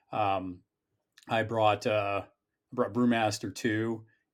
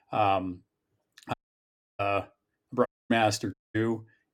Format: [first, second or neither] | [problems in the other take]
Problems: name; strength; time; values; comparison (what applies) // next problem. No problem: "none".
first | audio cutting out; at 1.5 s for 0.5 s, at 3 s and at 3.5 s